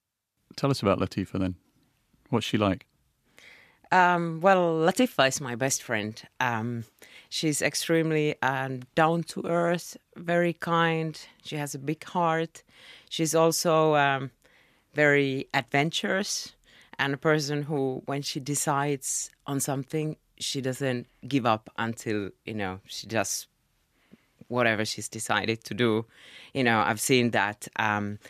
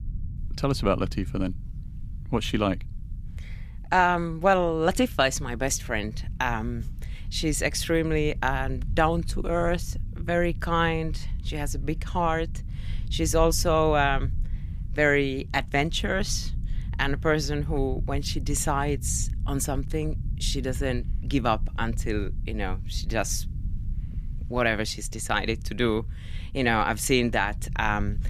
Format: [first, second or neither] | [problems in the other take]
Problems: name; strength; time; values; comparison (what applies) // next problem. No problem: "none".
first | low rumble; faint; throughout; 25 dB below the speech